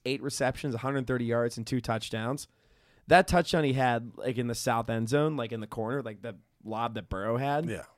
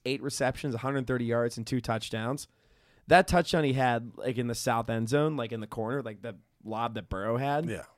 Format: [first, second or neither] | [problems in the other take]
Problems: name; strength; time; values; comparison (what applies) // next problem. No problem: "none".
neither | none